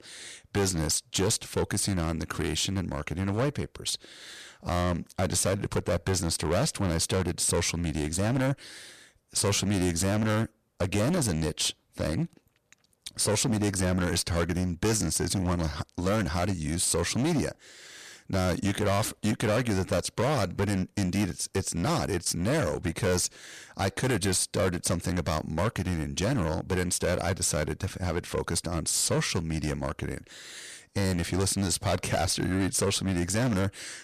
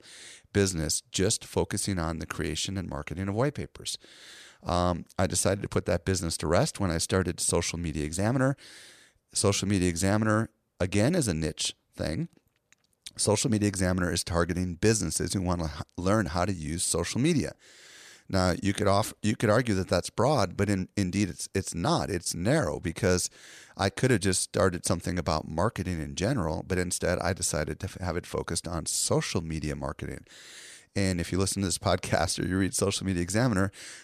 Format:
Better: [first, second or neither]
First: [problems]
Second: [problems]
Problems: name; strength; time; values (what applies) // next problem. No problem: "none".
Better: second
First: distortion; heavy; 14% of the sound clipped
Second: none